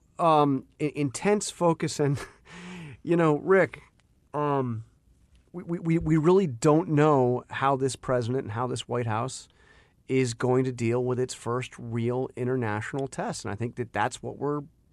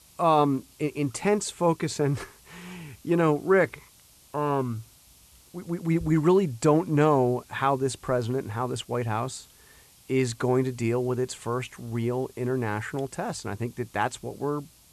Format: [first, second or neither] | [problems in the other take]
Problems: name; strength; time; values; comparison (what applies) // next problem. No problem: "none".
first | hiss; faint; throughout; 25 dB below the speech